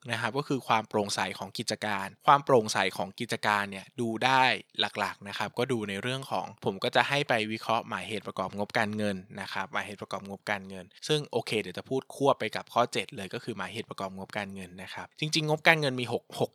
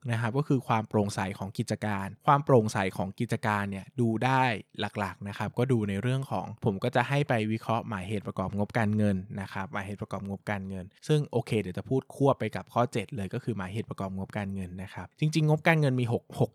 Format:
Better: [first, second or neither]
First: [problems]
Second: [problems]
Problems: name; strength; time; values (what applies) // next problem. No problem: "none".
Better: second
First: thin; somewhat; fading below 1 kHz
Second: none